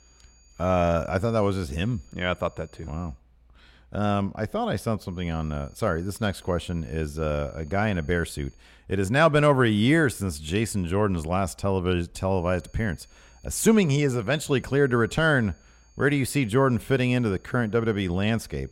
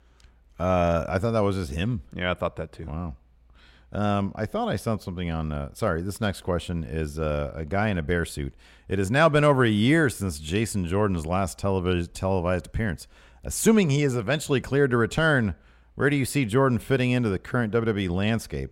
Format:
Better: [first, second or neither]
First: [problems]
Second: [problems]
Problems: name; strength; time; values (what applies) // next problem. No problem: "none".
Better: second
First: high-pitched whine; faint; until 3 s, from 5 to 8.5 s and from 12 s on; 6.5 kHz, 35 dB below the speech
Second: none